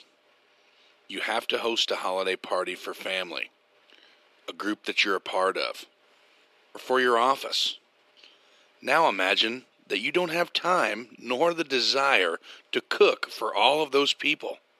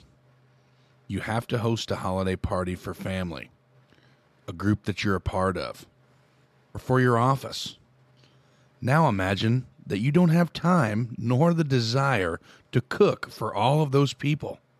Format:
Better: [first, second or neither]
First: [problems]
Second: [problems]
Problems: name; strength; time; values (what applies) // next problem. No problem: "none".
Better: second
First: thin; very; fading below 350 Hz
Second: none